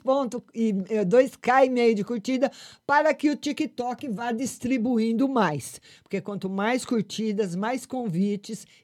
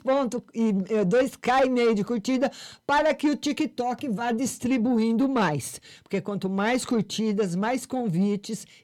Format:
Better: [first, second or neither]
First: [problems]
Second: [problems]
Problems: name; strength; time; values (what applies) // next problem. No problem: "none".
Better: first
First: none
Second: distortion; slight; 10 dB below the speech